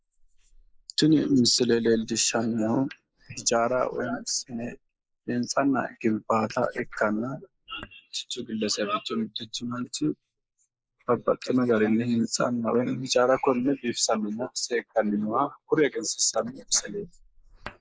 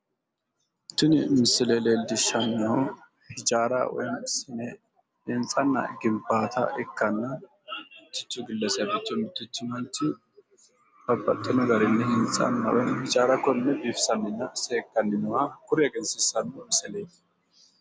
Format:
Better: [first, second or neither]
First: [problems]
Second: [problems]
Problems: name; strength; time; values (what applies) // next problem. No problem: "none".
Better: second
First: noise reduction (neural mask model Resemble Enhance denoiser)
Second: none